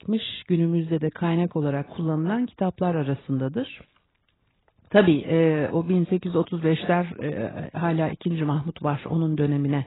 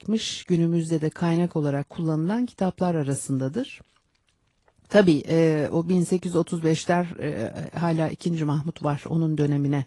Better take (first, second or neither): second